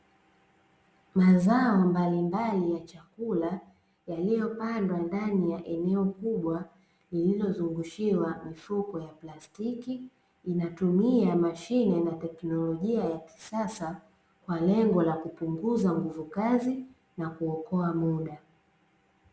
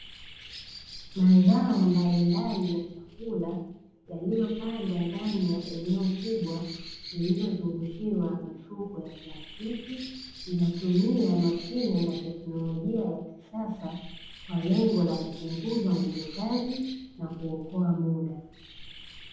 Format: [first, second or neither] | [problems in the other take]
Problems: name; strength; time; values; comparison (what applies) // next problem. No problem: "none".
first | background sound (Bird); 17 dB below the speech // room echo; dies away in 0.8 s